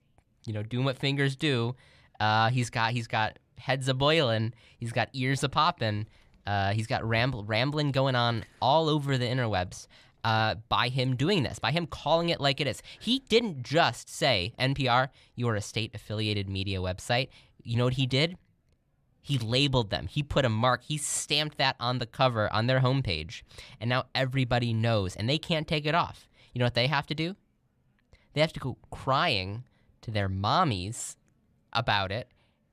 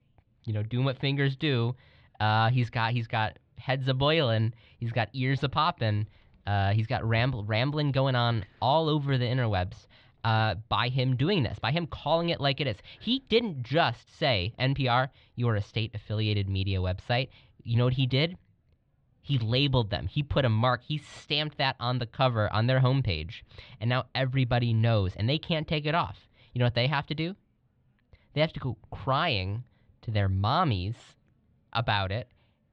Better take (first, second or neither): first